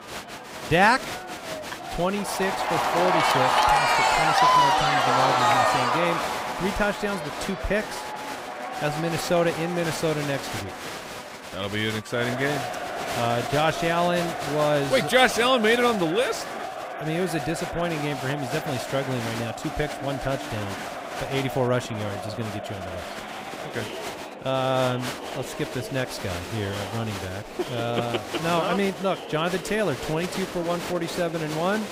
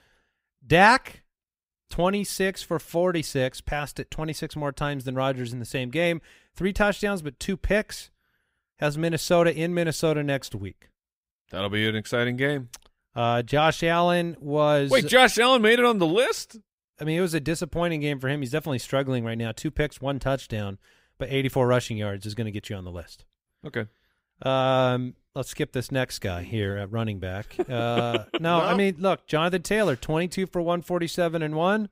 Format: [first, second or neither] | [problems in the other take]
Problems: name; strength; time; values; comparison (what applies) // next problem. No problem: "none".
second | crowd noise; loud; throughout; 1 dB below the speech